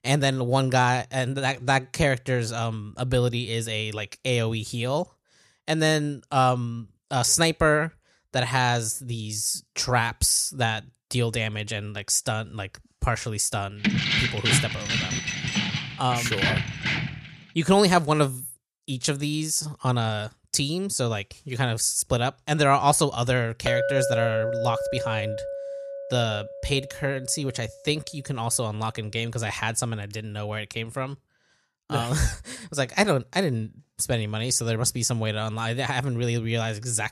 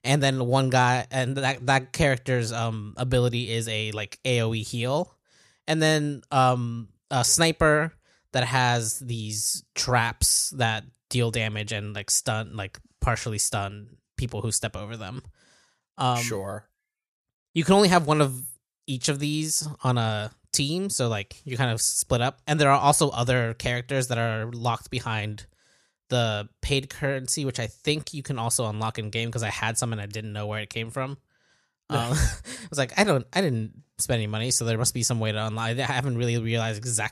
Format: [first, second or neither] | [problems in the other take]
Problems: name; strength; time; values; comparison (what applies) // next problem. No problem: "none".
second | jangling keys; loud; from 14 to 17 s; peak 3 dB above the speech // clattering dishes; loud; from 24 to 27 s; peak 1 dB above the speech